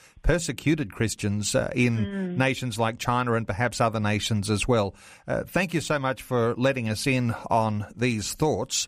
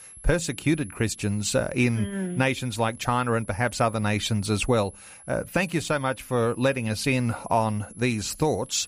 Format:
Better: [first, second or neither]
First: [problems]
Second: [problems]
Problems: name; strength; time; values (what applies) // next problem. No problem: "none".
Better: first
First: none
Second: high-pitched whine; noticeable; throughout; 11 kHz, 20 dB below the speech